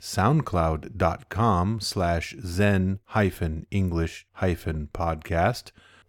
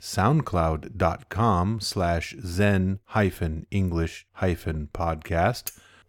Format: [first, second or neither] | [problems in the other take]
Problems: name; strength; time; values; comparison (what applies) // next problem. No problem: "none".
first | clattering dishes; very faint; at 5.5 s; peak 10 dB below the speech